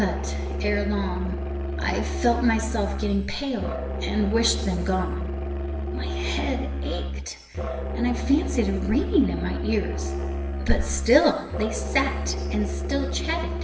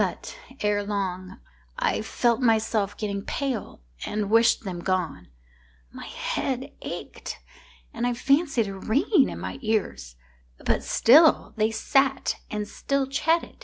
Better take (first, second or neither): second